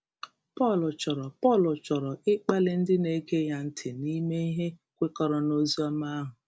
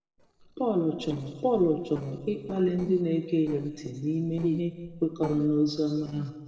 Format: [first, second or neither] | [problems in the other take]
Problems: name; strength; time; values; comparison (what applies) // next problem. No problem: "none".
first | noise reduction (neural separator model SepFormer DNS4)